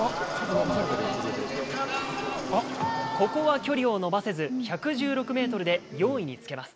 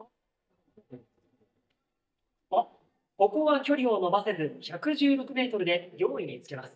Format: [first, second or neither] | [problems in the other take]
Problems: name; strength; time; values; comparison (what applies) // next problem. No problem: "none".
first | noise reduction (neural mask model DeepFilterNet 3)